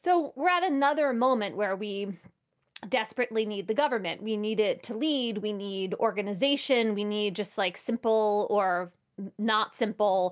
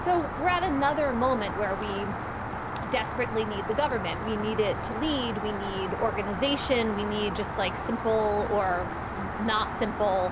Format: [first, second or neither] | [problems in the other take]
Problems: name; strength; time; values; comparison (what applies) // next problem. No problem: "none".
first | background sound (Rain); 4 dB below the speech